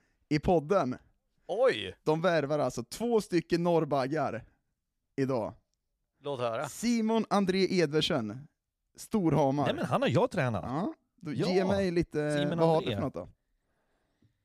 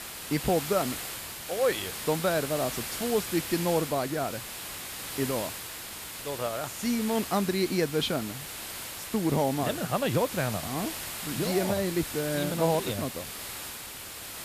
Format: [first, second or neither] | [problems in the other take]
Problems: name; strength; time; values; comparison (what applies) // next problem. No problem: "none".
first | hiss; loud; throughout; 6 dB below the speech